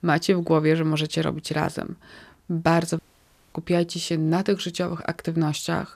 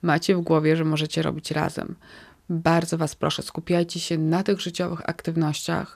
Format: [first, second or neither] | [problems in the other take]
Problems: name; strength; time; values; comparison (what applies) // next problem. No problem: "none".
second | audio cutting out; at 3 s for 0.5 s